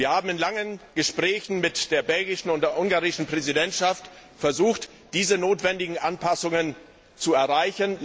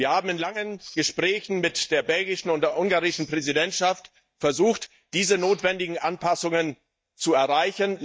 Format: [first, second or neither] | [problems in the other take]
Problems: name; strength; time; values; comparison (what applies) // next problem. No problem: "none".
first | noise reduction (neural mask model DeepFilterNet 3)